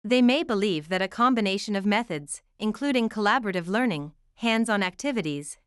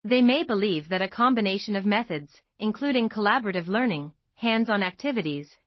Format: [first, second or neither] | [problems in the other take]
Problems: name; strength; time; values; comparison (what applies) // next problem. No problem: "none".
first | garbled, watery; slightly; nothing above 5 kHz